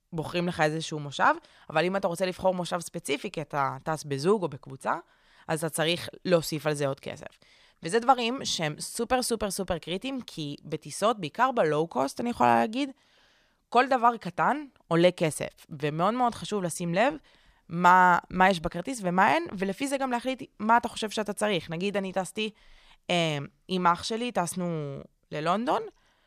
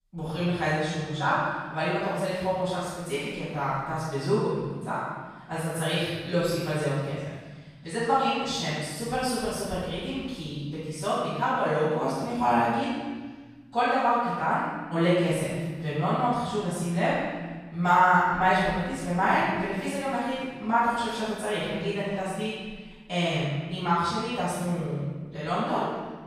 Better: first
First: none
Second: off-mic speech; far // room echo; strong; dies away in 1.6 s

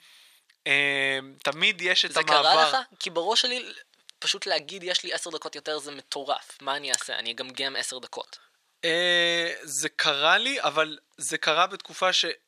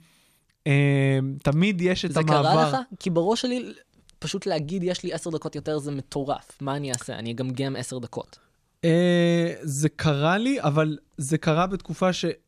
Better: second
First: thin; very; fading below 700 Hz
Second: none

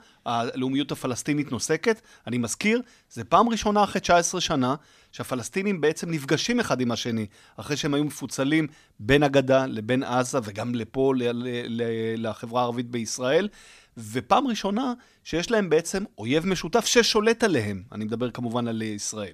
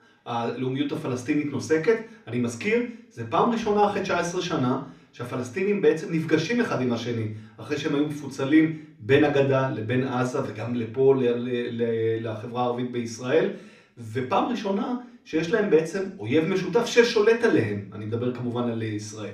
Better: first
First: none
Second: room echo; slight; dies away in 0.5 s // off-mic speech; far

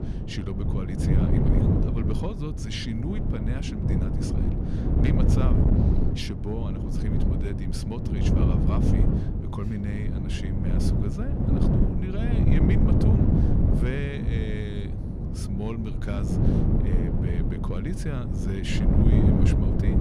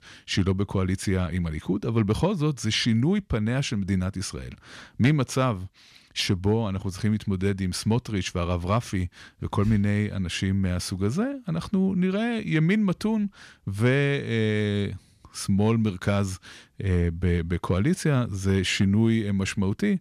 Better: second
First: wind noise on the microphone; heavy; 4 dB above the speech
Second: none

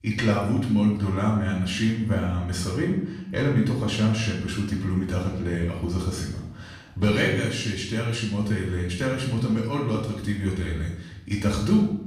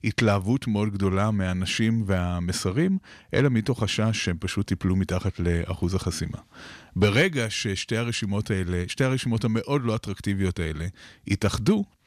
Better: second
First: off-mic speech; far // room echo; noticeable; dies away in 0.7 s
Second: none

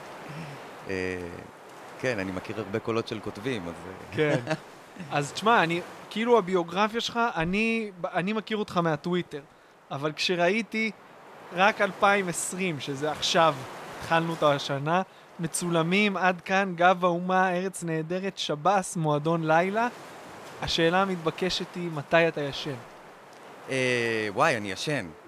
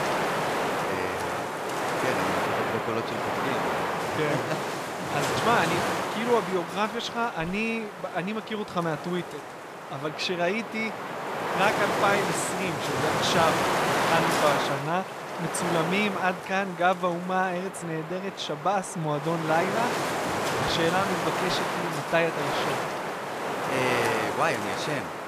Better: first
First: wind noise on the microphone; occasional gusts; 20 dB below the speech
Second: wind noise on the microphone; heavy; as loud as the speech

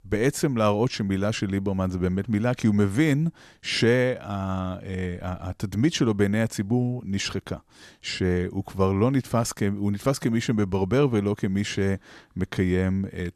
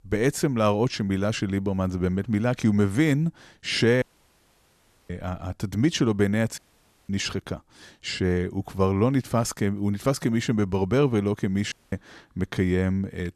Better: first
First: none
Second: audio cutting out; at 4 s for 1 s, at 6.5 s for 0.5 s and at 12 s

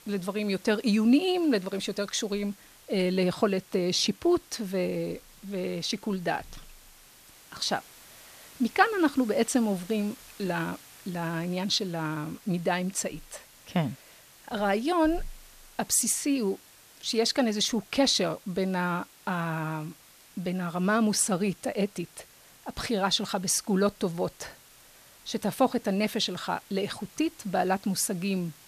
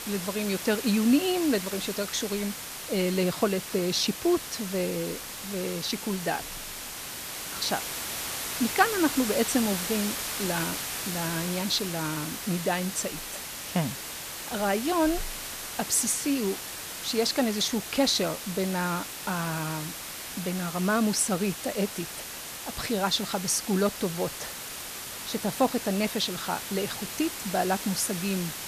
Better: first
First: hiss; faint; throughout; 25 dB below the speech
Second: hiss; loud; throughout; 6 dB below the speech

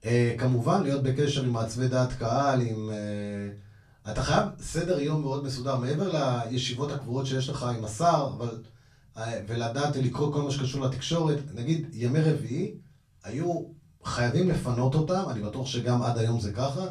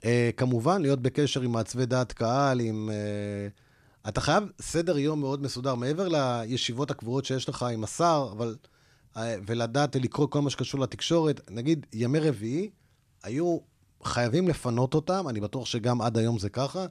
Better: second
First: room echo; slight; dies away in 0.3 s // off-mic speech; far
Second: none

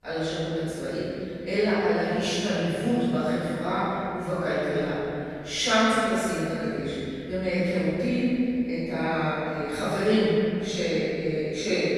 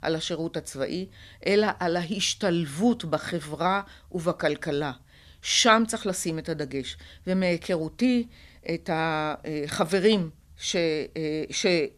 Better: second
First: off-mic speech; far // room echo; strong; dies away in 2.9 s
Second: none

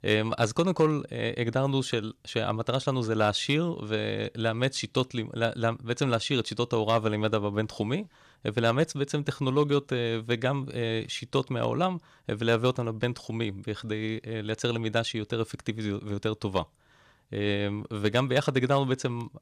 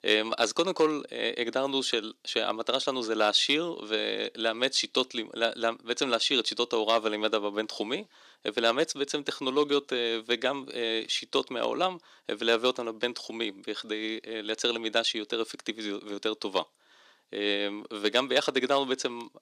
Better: first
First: none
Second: thin; somewhat; fading below 250 Hz

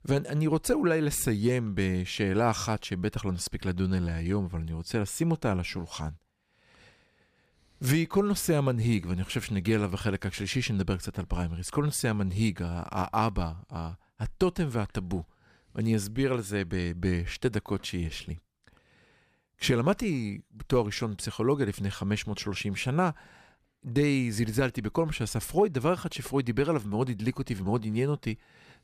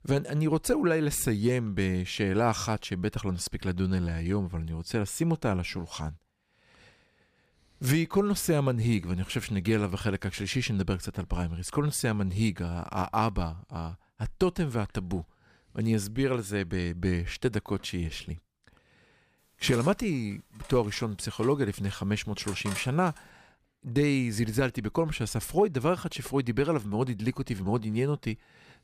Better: first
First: none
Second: clattering dishes; noticeable; from 20 to 23 s; peak 8 dB below the speech

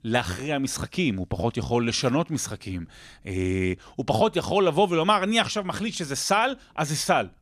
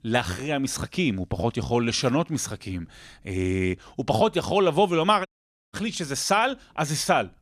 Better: first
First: none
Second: audio cutting out; at 5.5 s

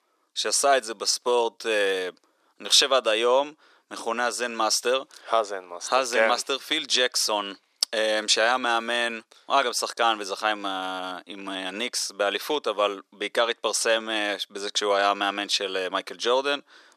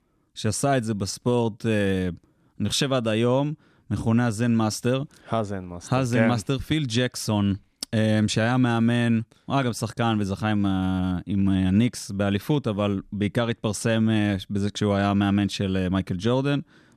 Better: second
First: thin; very; fading below 450 Hz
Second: none

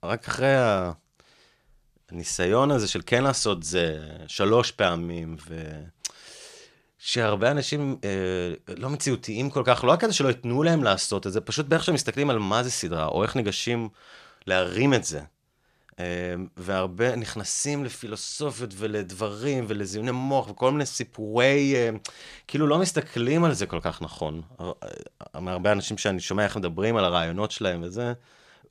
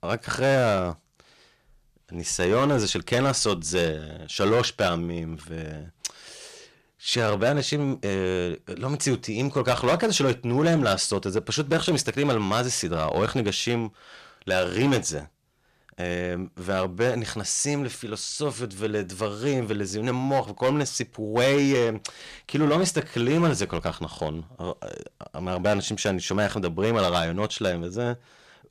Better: first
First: none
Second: distortion; slight; 4% of the sound clipped

